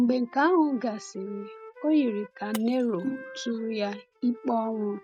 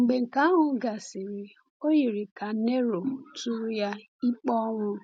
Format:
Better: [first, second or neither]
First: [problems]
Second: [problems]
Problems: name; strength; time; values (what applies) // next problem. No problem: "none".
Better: second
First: noise reduction (neural mask model RNNoise)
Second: none